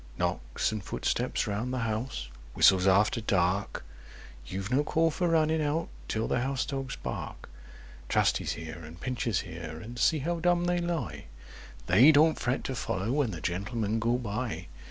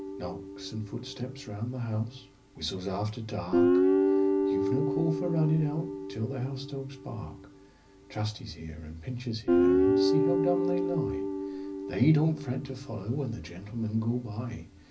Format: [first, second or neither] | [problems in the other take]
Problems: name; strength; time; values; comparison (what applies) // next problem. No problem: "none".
first | background sound (Guitar); 2 dB above the speech // room echo; dies away in 0.4 s